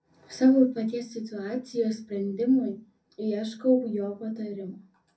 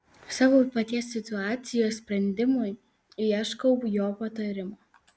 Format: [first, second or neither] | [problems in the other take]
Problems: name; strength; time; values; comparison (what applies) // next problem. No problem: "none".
second | room echo; dies away in 0.3 s